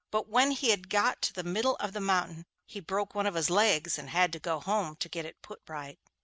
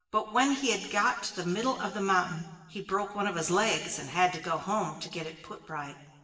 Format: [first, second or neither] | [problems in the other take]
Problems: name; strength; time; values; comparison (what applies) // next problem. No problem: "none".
first | room echo; dies away in 1.2 s